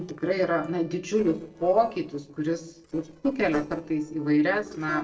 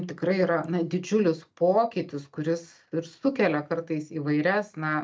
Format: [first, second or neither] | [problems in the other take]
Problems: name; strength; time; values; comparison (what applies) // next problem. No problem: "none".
second | noise reduction (neural separator model SepFormer DNS4)